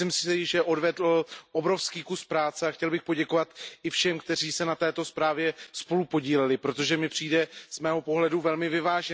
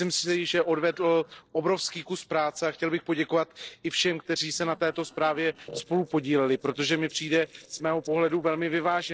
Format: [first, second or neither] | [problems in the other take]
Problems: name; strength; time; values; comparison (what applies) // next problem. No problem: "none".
first | noise reduction (neural separator model SepFormer DNS4)